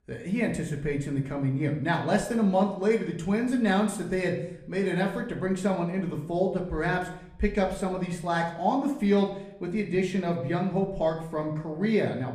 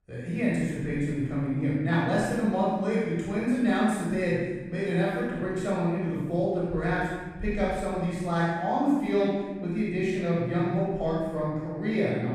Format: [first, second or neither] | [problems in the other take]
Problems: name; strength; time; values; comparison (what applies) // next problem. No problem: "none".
first | room echo; strong; dies away in 1.3 s; slight in the first // off-mic speech; far; somewhat distant in the first